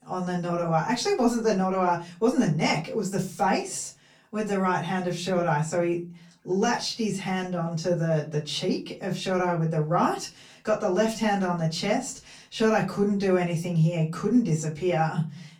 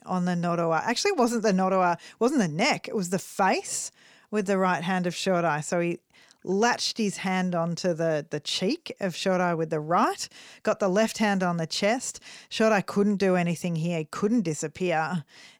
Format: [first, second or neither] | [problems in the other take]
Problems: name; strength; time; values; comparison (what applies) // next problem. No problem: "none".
second | off-mic speech; far // room echo; very slight; dies away in 0.4 s